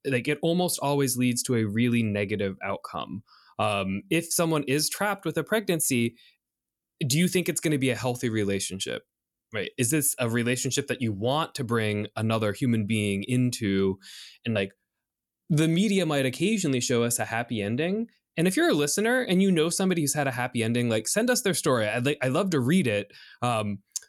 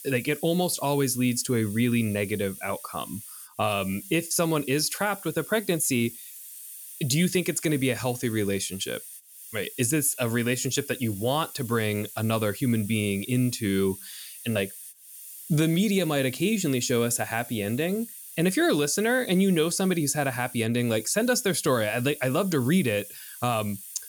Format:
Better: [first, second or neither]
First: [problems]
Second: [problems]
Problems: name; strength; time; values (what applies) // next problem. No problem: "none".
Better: first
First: none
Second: hiss; noticeable; throughout; 15 dB below the speech